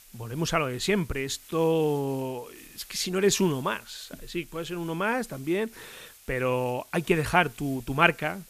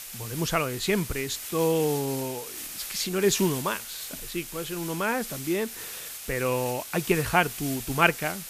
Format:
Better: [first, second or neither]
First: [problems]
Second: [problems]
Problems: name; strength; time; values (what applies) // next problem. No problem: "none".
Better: first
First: hiss; faint; throughout; 20 dB below the speech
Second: hiss; loud; throughout; 8 dB below the speech